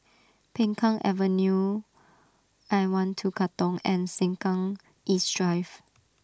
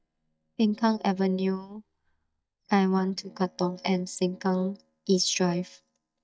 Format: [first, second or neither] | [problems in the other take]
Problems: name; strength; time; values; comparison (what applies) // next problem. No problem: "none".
first | noise reduction (neural mask model DeepFilterNet 3)